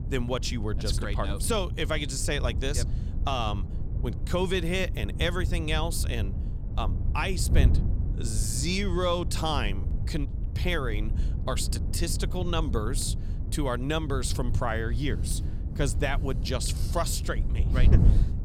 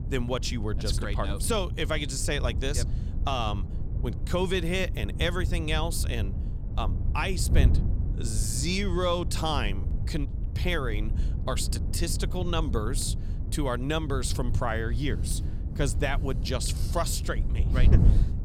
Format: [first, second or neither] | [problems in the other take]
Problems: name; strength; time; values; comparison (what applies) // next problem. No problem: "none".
neither | wind noise on the microphone; occasional gusts; 15 dB below the speech; the same in both